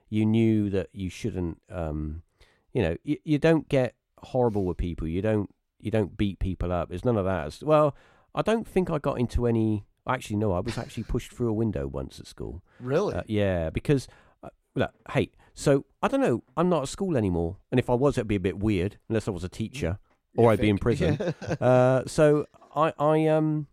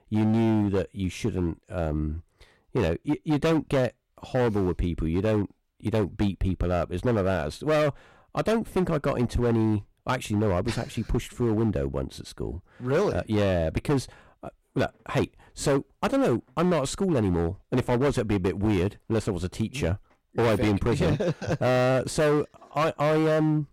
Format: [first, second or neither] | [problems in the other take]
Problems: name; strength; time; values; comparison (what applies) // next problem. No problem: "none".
first | distortion; heavy; 13% of the sound clipped